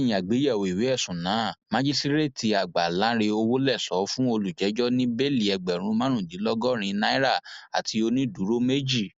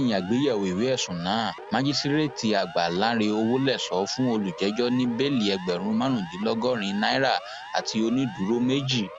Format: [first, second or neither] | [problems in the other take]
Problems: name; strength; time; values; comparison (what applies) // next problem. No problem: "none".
first | background sound (Siren); 15 dB below the speech